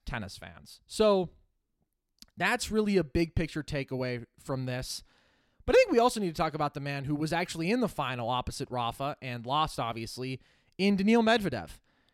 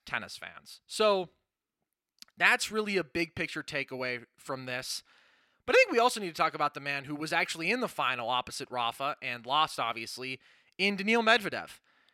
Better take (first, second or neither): first